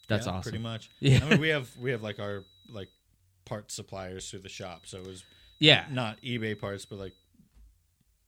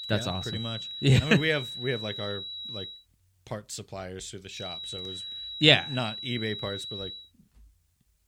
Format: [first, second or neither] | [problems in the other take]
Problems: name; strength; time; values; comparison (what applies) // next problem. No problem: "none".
first | high-pitched whine; loud; until 3 s and from 4.5 to 7 s; 4 kHz, 9 dB below the speech; faint in the first